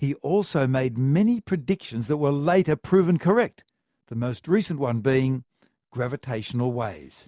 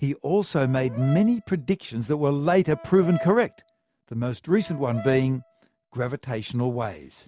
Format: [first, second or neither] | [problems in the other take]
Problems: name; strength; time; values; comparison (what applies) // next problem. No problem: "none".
first | background sound (Brass instrument); 15 dB below the speech